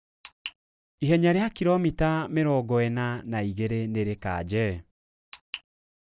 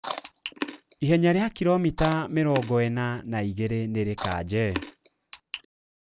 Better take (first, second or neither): first